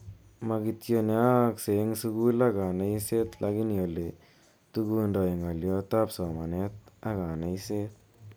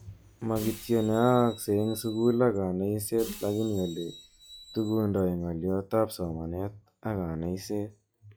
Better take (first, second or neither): first